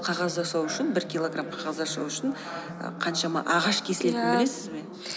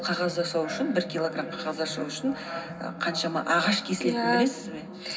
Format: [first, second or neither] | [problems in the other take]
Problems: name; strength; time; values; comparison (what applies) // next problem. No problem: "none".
first | room echo; dies away in 0.4 s